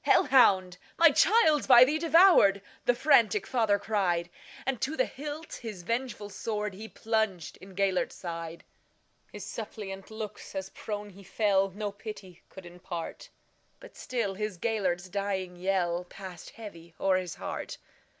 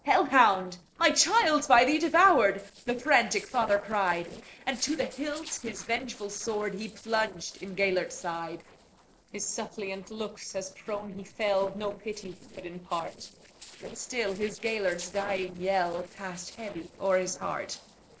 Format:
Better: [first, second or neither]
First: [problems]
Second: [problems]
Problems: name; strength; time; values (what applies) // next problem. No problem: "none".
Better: first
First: none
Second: noise reduction (neural separator model SepFormer DNS4)